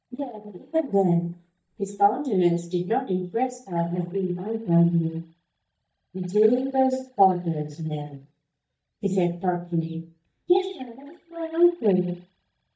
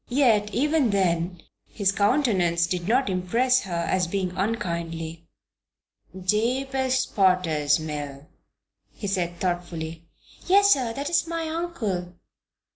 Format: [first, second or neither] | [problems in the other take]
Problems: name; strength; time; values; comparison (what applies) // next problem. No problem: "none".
second | noise reduction (neural mask model DeepFilterNet 3)